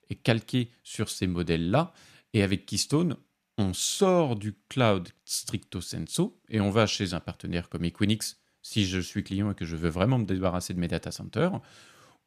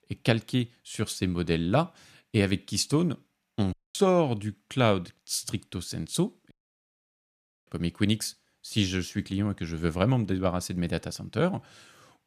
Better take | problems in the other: first | audio cutting out; at 3.5 s and at 6.5 s for 1 s

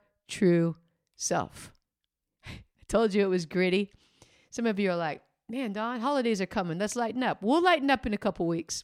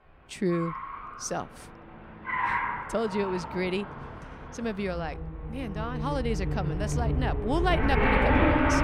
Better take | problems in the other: first | traffic noise; very loud; throughout; 3 dB above the speech

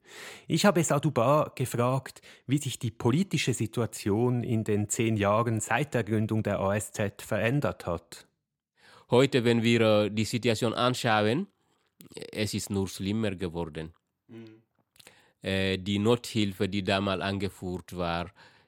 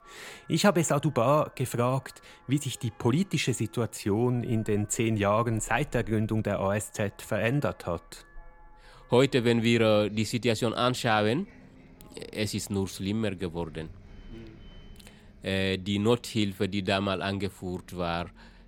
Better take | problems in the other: first | traffic noise; faint; throughout; 25 dB below the speech

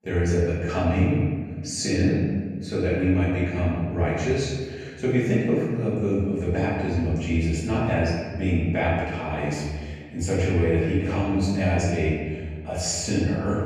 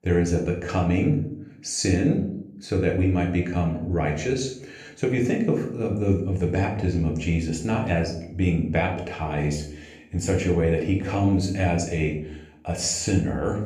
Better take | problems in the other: second | room echo; strong; dies away in 1.5 s; slight in the second // off-mic speech; far; somewhat distant in the second

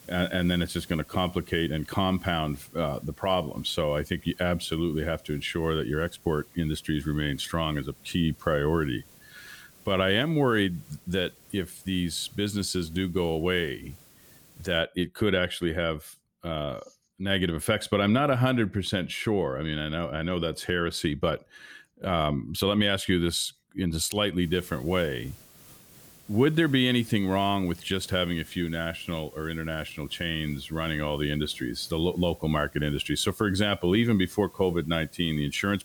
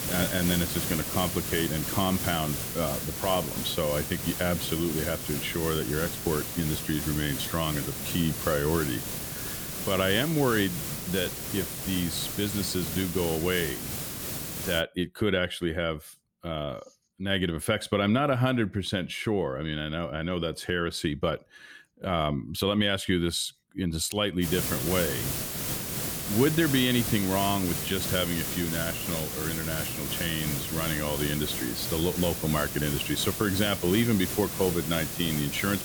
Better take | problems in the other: first | hiss; loud; until 15 s and from 24 s on; 3 dB below the speech; faint in the first

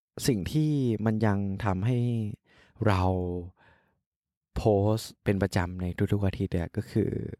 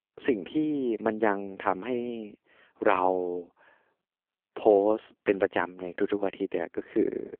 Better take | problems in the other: first | phone-call audio; poor line

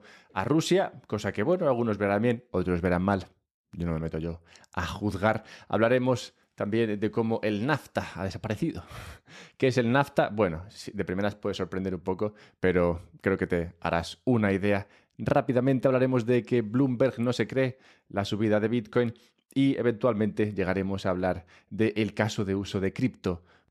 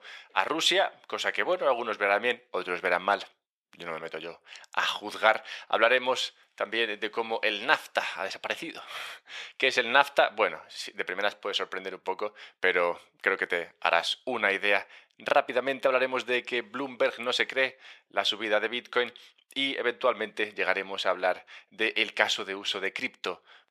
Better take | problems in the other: first | thin; very; fading below 700 Hz

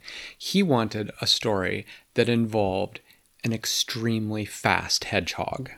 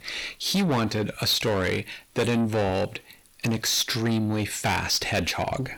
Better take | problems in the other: first | distortion; heavy; 6 dB below the speech

